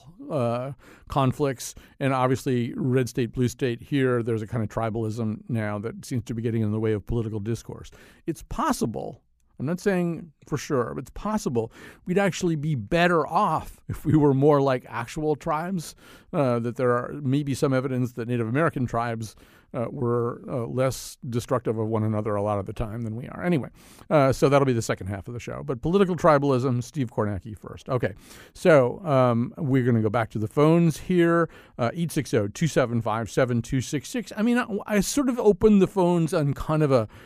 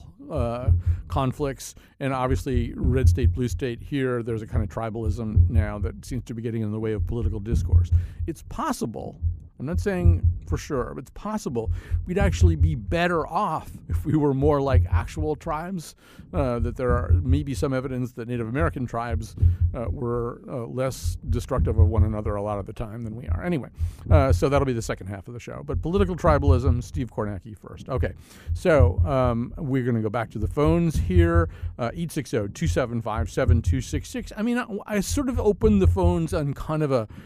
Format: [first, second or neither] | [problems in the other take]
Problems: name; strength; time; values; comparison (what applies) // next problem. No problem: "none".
first | low rumble; noticeable; throughout; 15 dB below the speech